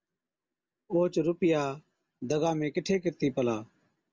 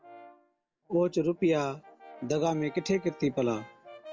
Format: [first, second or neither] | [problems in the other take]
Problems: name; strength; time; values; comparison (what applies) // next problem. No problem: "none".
first | background sound (Brass instrument); 20 dB below the speech